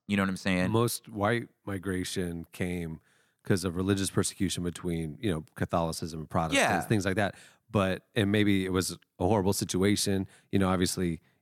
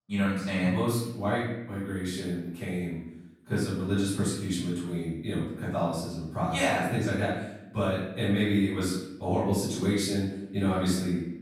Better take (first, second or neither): first